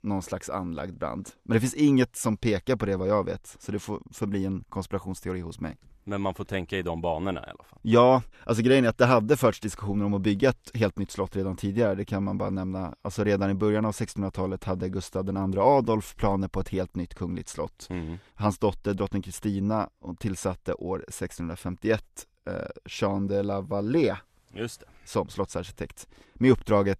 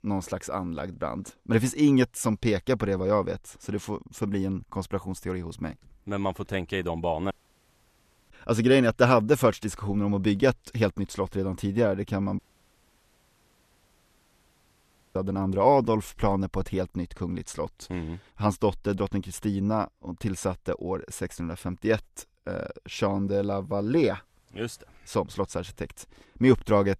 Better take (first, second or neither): first